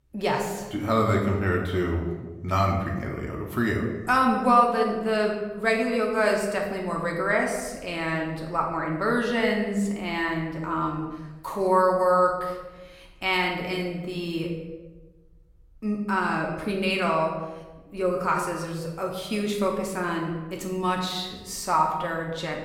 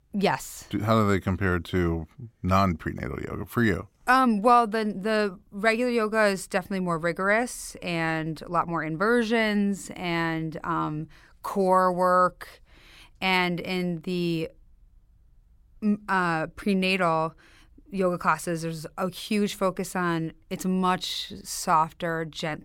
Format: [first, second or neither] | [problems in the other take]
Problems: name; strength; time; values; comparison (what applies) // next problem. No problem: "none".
second | room echo; noticeable; dies away in 1 s // off-mic speech; somewhat distant